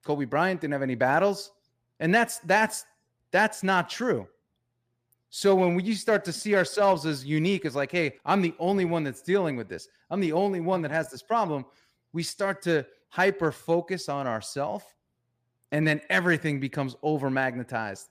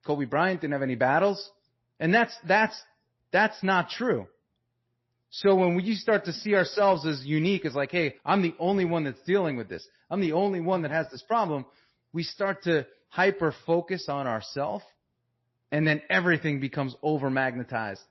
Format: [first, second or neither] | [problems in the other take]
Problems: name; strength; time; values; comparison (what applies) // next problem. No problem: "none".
first | garbled, watery; slightly; nothing above 5.5 kHz